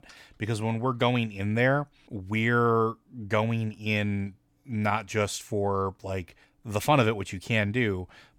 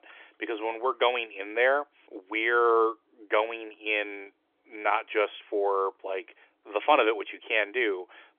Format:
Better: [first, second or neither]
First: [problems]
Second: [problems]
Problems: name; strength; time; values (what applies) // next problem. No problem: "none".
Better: first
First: none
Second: phone-call audio; nothing above 3.5 kHz